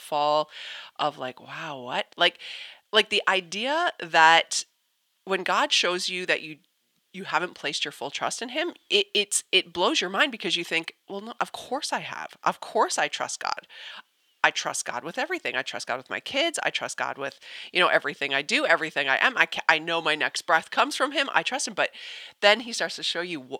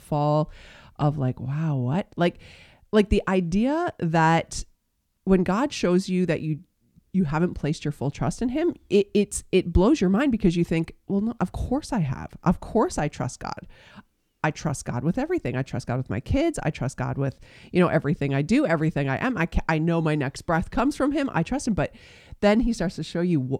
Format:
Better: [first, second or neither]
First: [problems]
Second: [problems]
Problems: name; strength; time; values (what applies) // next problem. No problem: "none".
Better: second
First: thin; very; fading below 750 Hz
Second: none